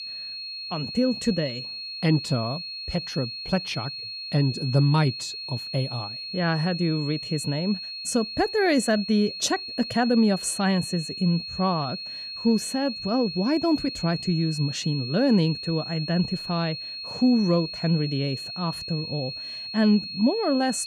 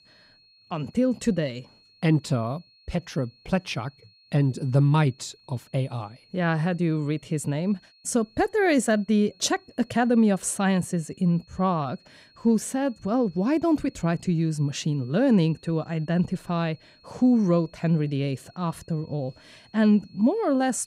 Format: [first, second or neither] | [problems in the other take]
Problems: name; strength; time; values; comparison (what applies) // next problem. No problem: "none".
second | high-pitched whine; loud; throughout; 4.5 kHz, 7 dB below the speech; faint in the second